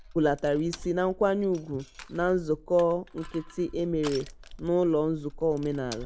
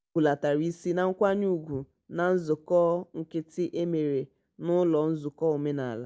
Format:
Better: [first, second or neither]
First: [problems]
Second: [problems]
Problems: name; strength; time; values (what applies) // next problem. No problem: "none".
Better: second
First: background sound (Crushing); 17 dB below the speech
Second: none